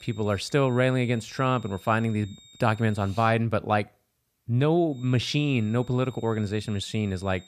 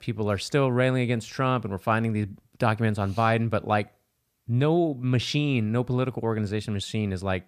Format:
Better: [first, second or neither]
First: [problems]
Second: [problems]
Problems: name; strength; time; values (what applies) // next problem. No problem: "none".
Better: second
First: high-pitched whine; faint; until 3.5 s and from 5 s on; 3.5 kHz, 25 dB below the speech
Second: none